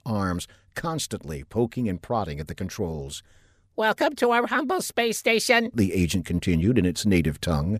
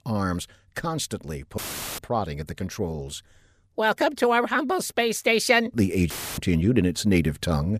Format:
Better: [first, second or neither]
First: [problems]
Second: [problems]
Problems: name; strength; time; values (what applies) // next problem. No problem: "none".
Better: first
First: none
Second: audio cutting out; filled with static; at 1.5 s and at 6 s